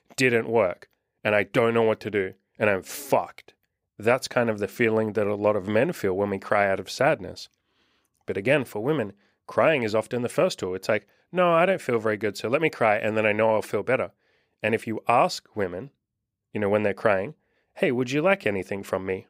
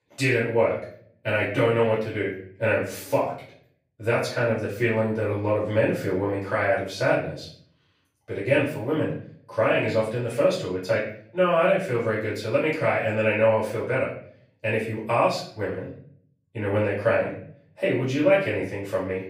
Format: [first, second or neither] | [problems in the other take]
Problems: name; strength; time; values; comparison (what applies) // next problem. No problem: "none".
first | off-mic speech; far // room echo; noticeable; dies away in 0.6 s